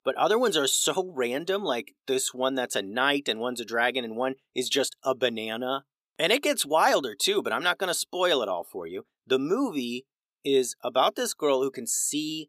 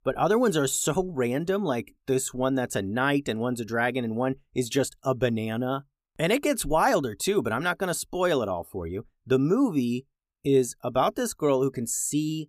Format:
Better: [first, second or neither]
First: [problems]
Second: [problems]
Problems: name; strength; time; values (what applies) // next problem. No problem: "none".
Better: second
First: thin; very slightly; fading below 350 Hz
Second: none